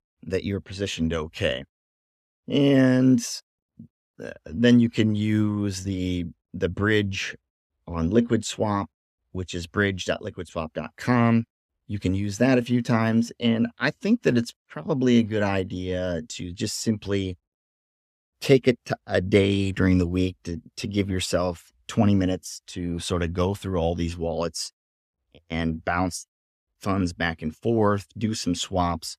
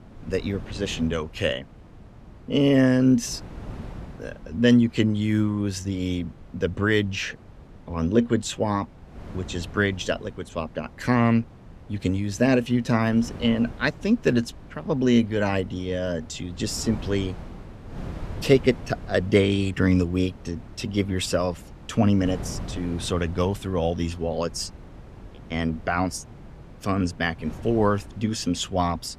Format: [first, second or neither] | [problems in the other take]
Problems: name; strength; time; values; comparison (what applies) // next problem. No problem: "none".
first | wind noise on the microphone; occasional gusts; 20 dB below the speech